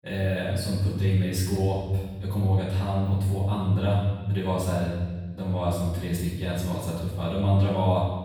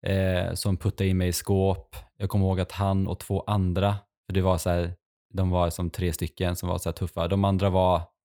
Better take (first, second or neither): second